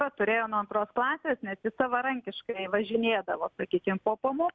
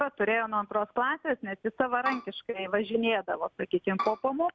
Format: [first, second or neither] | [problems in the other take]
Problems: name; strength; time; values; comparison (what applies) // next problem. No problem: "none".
first | background sound (Bowed string instrument); 6 dB below the speech